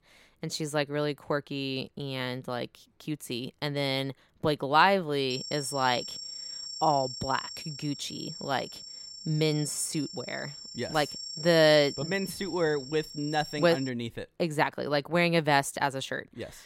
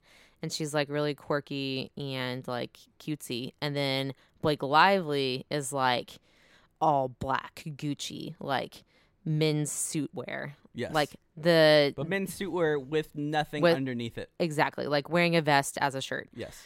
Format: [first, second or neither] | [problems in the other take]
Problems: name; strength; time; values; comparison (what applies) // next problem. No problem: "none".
second | high-pitched whine; loud; from 5.5 to 14 s; 5.5 kHz, 10 dB below the speech